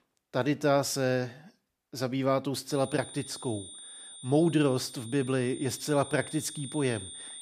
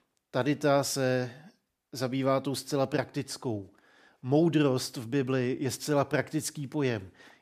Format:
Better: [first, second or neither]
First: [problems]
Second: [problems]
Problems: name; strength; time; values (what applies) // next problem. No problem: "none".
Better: second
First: high-pitched whine; noticeable; from 2.5 s on; 9 kHz, 15 dB below the speech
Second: none